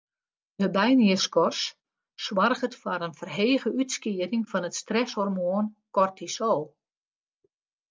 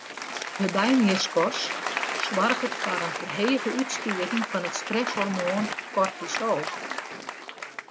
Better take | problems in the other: first | background sound (Applause); 4 dB below the speech

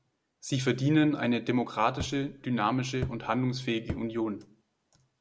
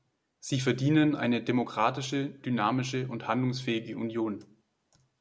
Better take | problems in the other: second | background sound (Thump, thud); 11 dB below the speech

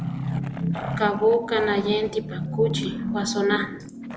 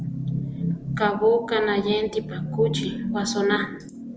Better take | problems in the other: second | background sound (Growling); 16 dB below the speech

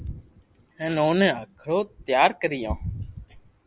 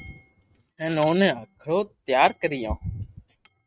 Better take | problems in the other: first | noise reduction (neural mask model RNNoise)

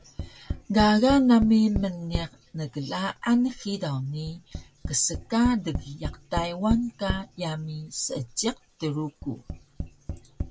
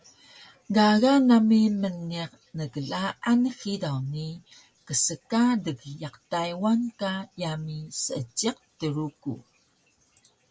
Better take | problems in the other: second | background sound (Tap); 10 dB below the speech

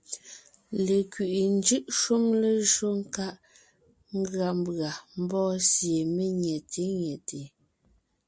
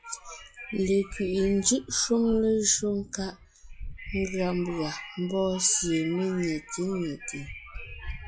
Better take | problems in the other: first | noise reduction (classical method log-MMSE)

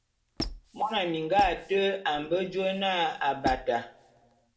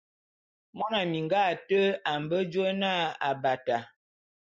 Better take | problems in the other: second | background sound (Squeak); 13 dB below the speech // room echo; dies away in 0.8 s

